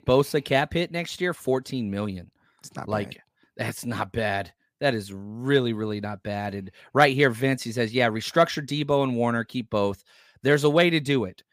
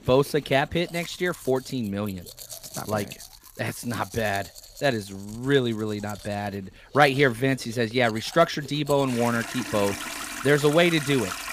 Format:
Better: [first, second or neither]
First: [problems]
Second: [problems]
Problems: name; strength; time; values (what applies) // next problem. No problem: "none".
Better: first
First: none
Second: household noises; noticeable; throughout; 15 dB below the speech